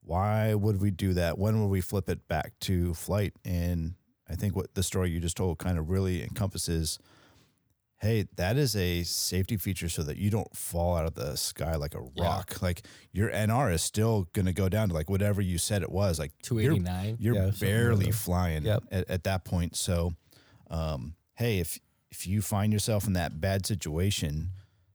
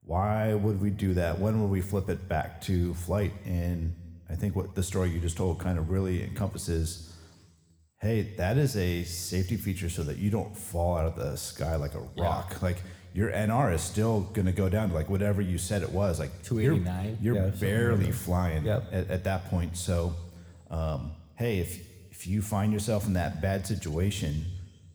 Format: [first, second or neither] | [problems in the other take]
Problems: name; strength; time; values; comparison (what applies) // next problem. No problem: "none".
first | room echo; very slight; dies away in 1.3 s